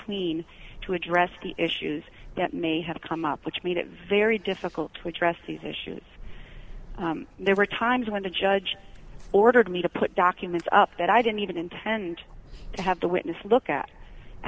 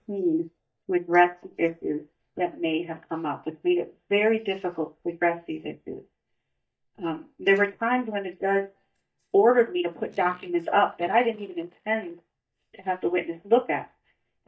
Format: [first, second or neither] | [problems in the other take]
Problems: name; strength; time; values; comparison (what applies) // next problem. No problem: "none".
first | noise reduction (neural mask model DeepFilterNet 3)